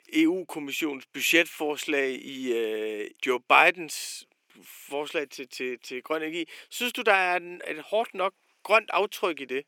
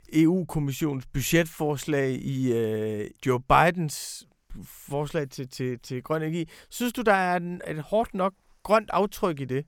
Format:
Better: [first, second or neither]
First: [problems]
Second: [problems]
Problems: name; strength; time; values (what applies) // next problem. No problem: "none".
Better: second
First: thin; somewhat; fading below 300 Hz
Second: none